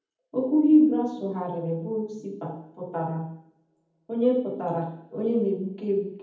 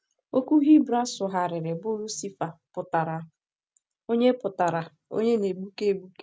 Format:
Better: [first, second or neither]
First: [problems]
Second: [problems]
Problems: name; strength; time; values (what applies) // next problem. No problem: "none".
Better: second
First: room echo; dies away in 0.8 s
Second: none